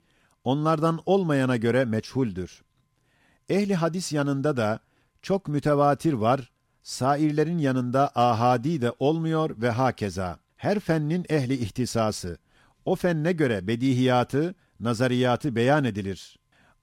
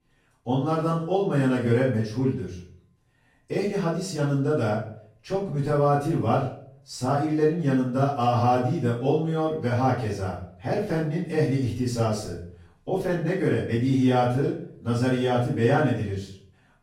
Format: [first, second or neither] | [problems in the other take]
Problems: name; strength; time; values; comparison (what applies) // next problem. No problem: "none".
first | off-mic speech; far // room echo; noticeable; dies away in 0.5 s